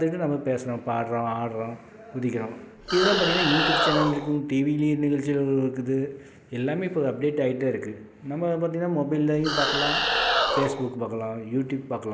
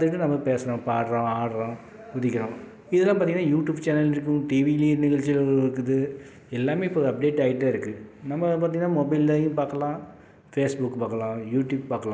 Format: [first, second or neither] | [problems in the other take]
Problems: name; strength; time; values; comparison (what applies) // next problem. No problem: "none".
second | background sound (Animal); 1 dB above the speech